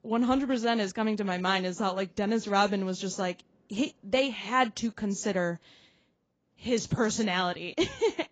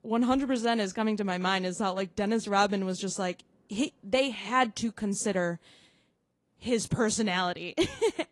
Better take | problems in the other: second | garbled, watery; badly; nothing above 7.5 kHz; slightly in the second

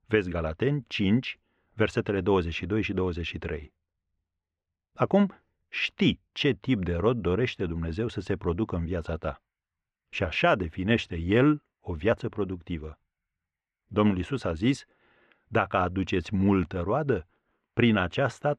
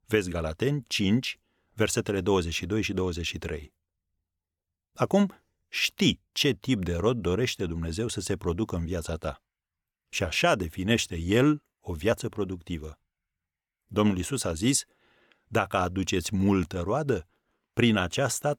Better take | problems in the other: second | muffled; very; fading above 2 kHz

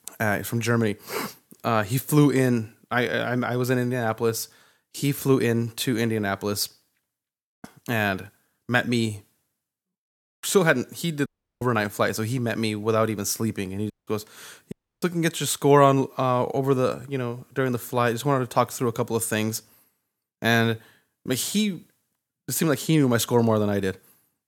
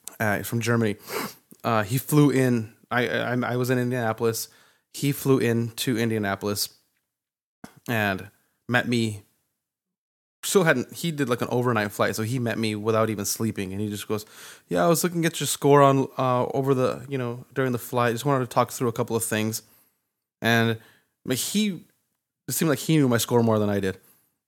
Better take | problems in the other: second | audio cutting out; at 11 s, at 14 s and at 15 s

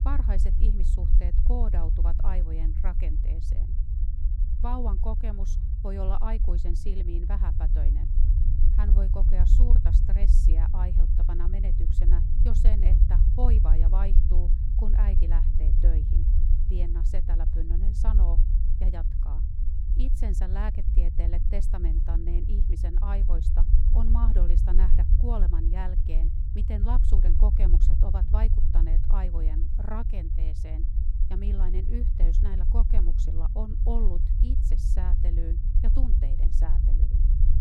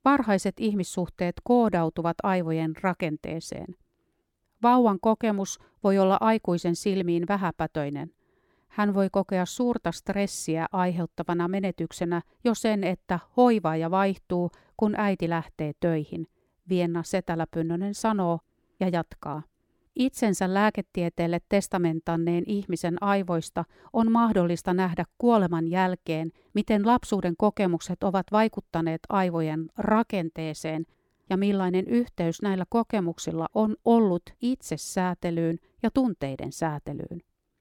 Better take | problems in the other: second | low rumble; loud; throughout; 4 dB below the speech

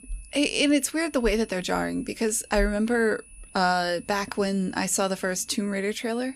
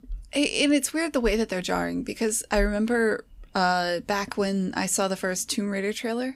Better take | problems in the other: second | high-pitched whine; faint; throughout; 10 kHz, 25 dB below the speech

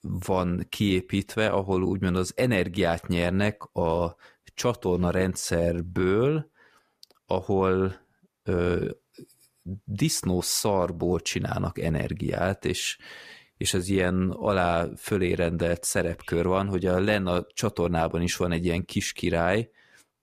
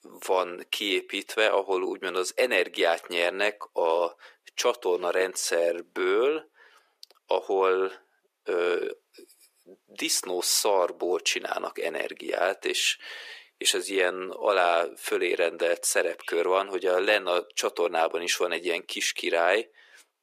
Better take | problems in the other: first | thin; very; fading below 350 Hz

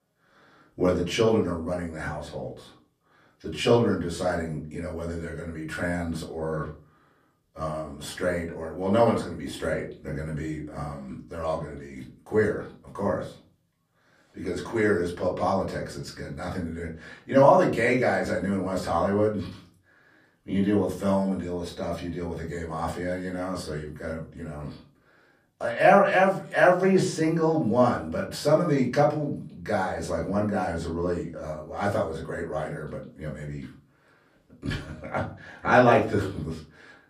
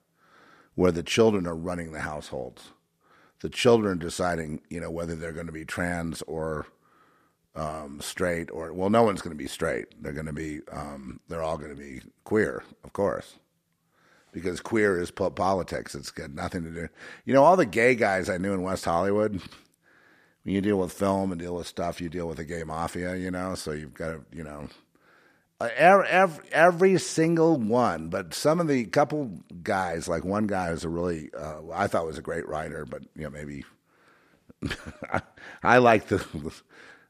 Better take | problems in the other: second | room echo; slight; dies away in 0.4 s // off-mic speech; far

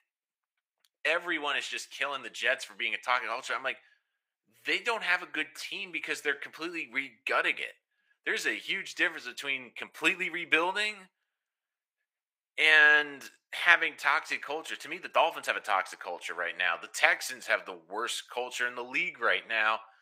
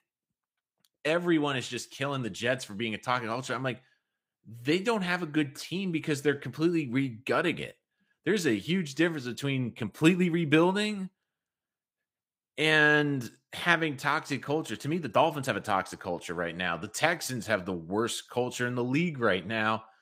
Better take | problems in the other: second | thin; very; fading below 700 Hz

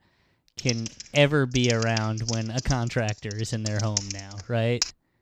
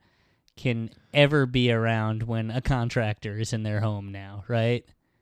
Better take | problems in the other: second | keyboard typing; noticeable; from 0.5 s on; peak 3 dB below the speech

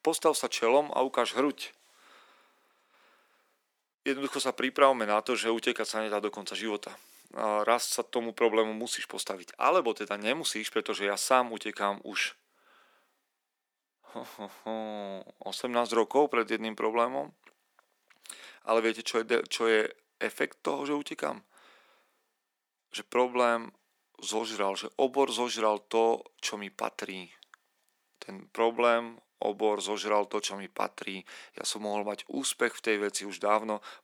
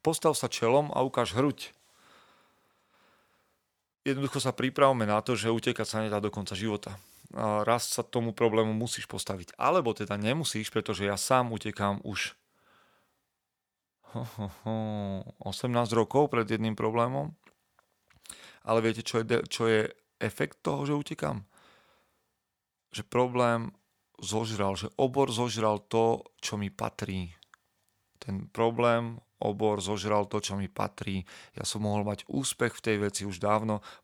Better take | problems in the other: second | thin; very slightly; fading below 250 Hz

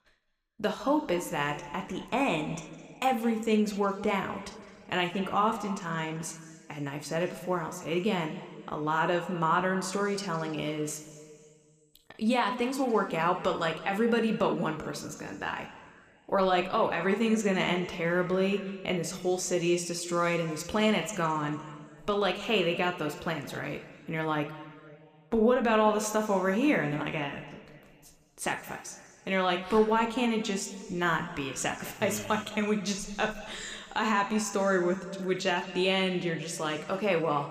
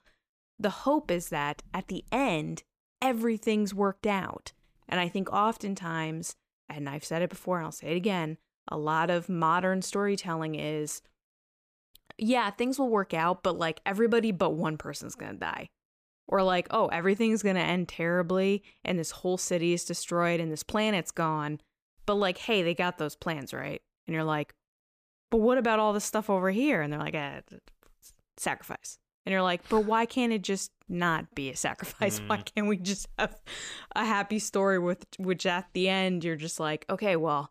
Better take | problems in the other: second | room echo; slight; dies away in 1.7 s

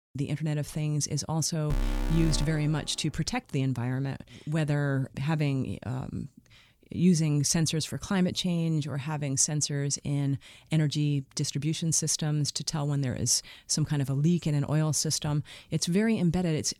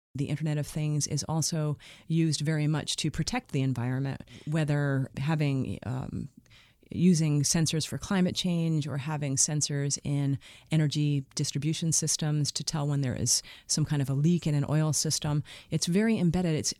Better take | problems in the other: second | alarm; noticeable; from 1.5 to 2.5 s; peak 5 dB below the speech

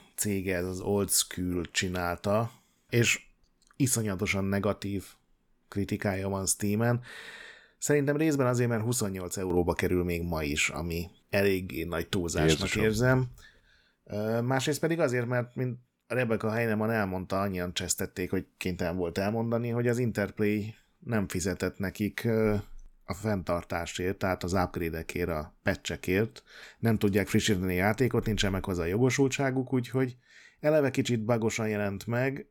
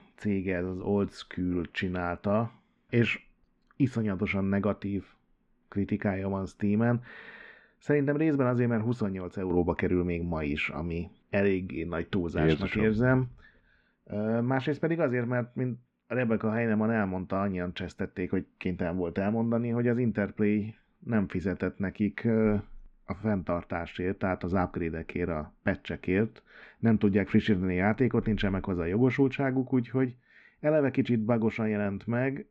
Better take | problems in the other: first | muffled; very; fading above 2.5 kHz

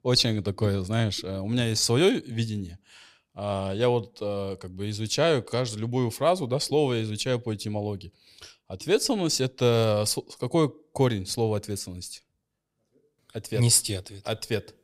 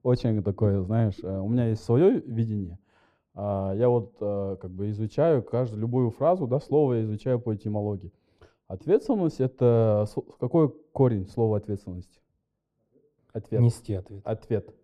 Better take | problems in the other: first | muffled; very; fading above 2 kHz

